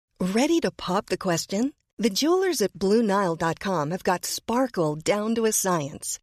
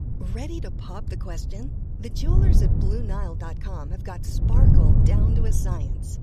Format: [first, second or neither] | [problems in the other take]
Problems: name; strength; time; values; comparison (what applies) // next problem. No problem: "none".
first | wind noise on the microphone; heavy; 1 dB above the speech